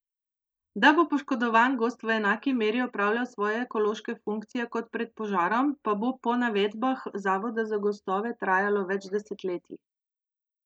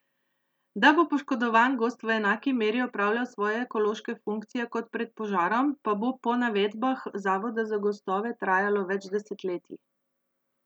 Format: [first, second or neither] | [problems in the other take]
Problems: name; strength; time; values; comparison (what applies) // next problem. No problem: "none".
second | noise reduction (neural mask model Resemble Enhance denoiser)